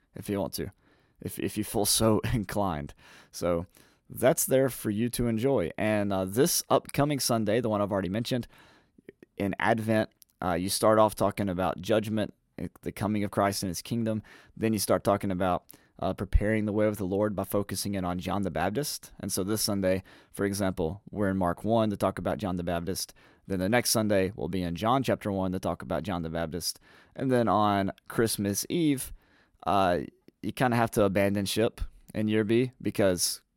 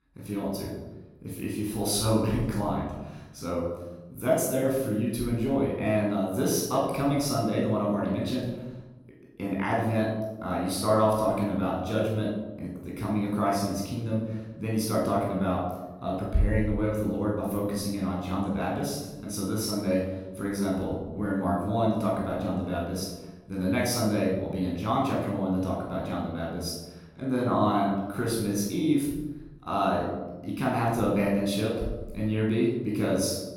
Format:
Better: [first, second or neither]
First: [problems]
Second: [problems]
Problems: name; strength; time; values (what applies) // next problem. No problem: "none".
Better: first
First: none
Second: off-mic speech; far // room echo; noticeable; dies away in 1.1 s